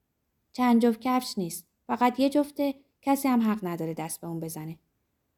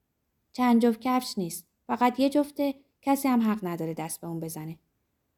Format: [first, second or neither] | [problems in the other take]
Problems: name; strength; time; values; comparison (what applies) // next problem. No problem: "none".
neither | none